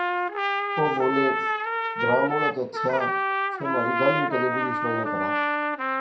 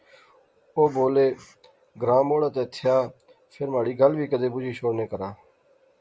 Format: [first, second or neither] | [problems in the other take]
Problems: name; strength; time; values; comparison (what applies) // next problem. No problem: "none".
second | background sound (Trumpet); 2 dB above the speech // room echo; dies away in 0.4 s